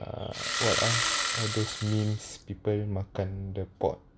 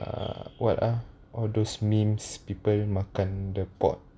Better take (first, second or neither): second